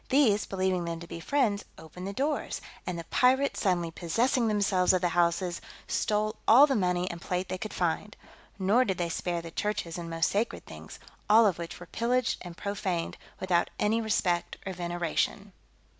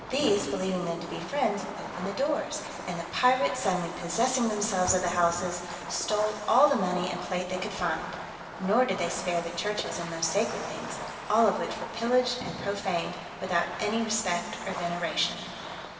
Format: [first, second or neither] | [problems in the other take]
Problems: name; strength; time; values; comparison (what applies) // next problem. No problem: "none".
first | background sound (Fireworks); 11 dB below the speech // room echo; dies away in 2.6 s